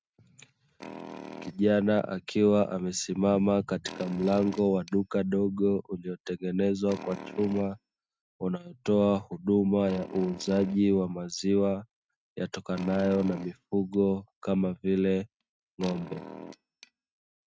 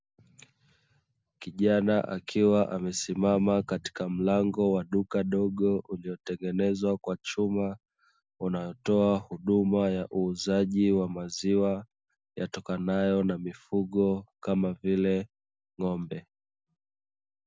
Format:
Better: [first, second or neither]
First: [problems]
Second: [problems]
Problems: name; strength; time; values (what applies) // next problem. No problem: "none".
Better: second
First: noise reduction (neural mask model RNNoise)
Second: none